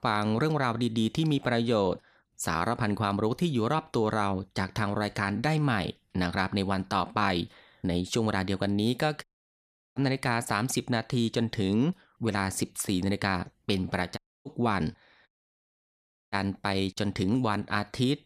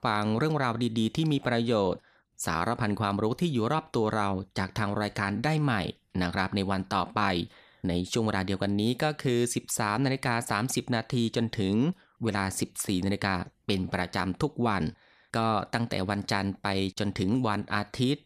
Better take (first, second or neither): second